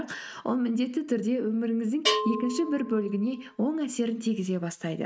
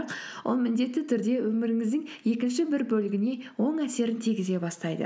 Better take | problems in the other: second | noise reduction (neural mask model RNNoise)

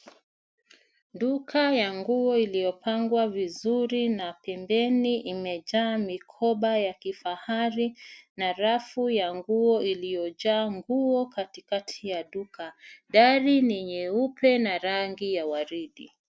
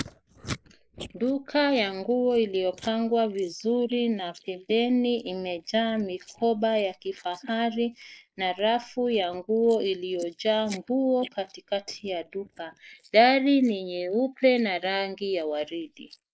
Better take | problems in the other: first | noise reduction (neural mask model Resemble Enhance denoiser)

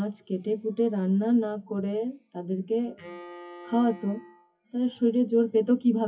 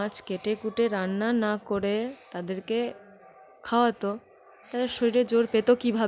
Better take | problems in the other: second | noise reduction (classical method WPE with log-MMSE)

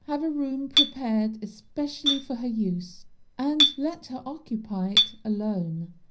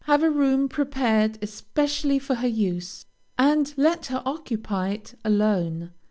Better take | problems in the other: second | background sound (Chink, clink); as loud as the speech // room echo; dies away in 0.4 s

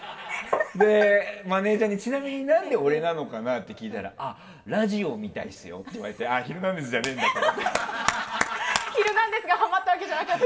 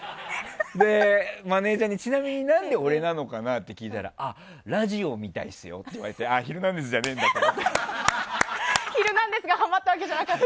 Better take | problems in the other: second | background sound (Tap); 5 dB below the speech // room echo; dies away in 1.8 s

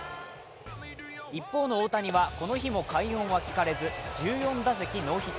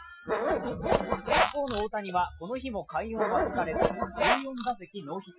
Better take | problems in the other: first | noise reduction (classical method Wiener filter)

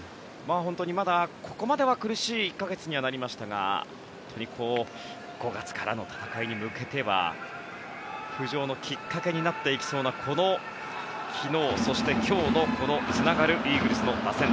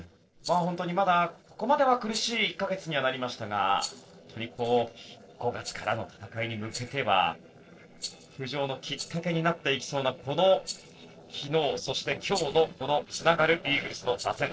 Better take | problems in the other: first | noise reduction (neural separator model SepFormer DNS4)

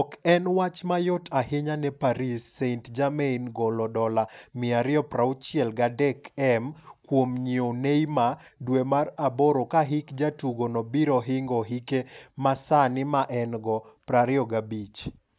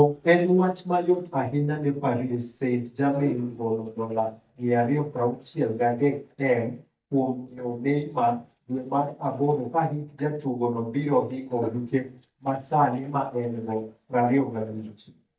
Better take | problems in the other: first | noise reduction (neural mask model DeepFilterNet 3)

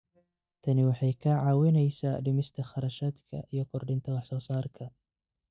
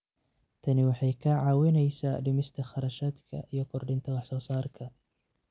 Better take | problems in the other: second | noise reduction (neural mask model DeepFilterNet 3)

